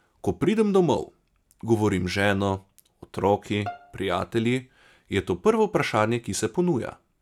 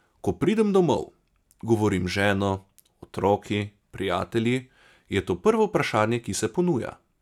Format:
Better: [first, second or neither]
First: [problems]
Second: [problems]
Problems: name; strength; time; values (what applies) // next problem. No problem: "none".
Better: second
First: background sound (Bowed string instrument); 19 dB below the speech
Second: none